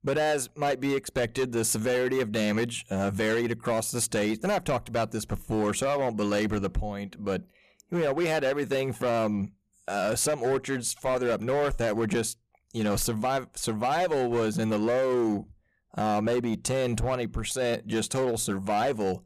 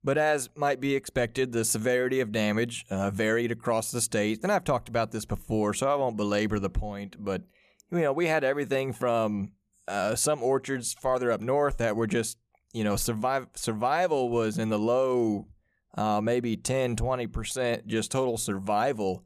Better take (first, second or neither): second